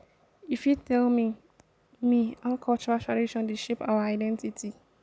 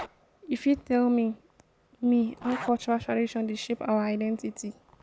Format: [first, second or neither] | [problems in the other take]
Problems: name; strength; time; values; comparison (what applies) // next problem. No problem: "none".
first | background sound (Zipper (clothing)); 19 dB below the speech